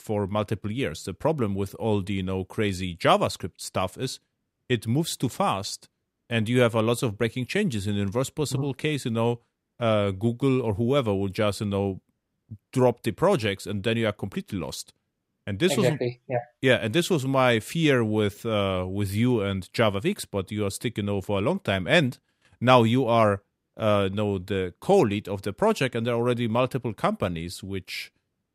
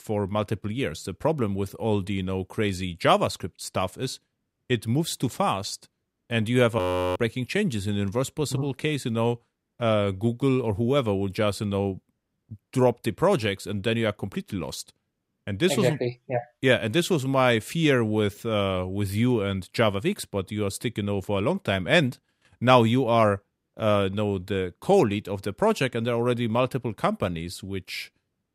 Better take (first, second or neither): first